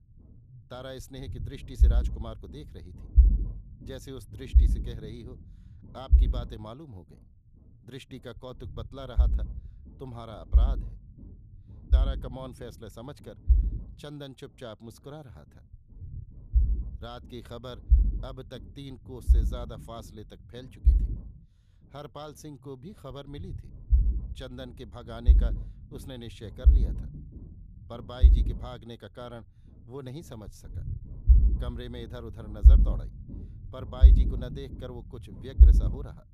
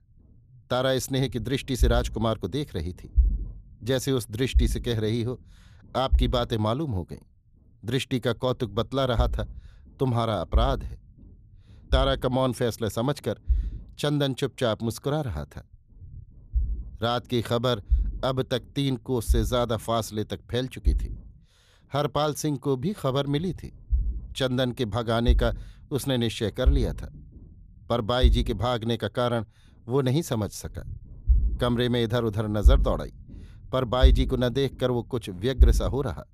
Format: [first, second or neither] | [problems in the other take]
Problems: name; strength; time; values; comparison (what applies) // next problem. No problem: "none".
second | low rumble; loud; throughout; 3 dB below the speech; faint in the second